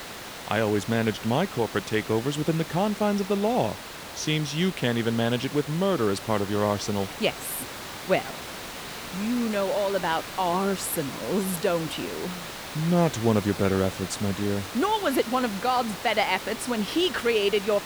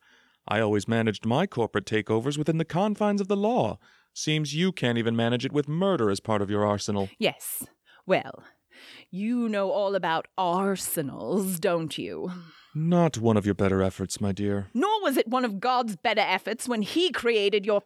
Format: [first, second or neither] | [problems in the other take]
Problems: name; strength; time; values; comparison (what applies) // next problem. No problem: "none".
second | hiss; noticeable; throughout; 10 dB below the speech